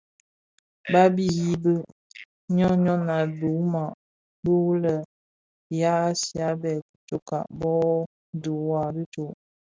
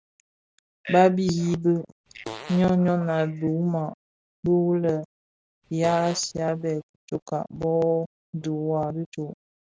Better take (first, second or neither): first